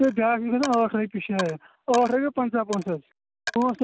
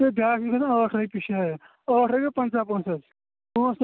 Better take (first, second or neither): second